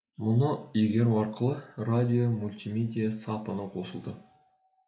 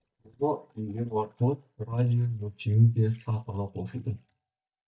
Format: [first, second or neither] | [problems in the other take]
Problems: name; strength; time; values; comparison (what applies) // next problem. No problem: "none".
first | noise reduction (neural mask model DeepFilterNet 3)